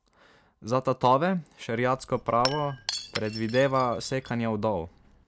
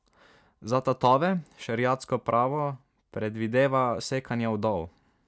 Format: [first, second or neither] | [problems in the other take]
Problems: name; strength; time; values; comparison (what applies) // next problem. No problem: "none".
second | background sound (Shatter / Crushing); 12 dB below the speech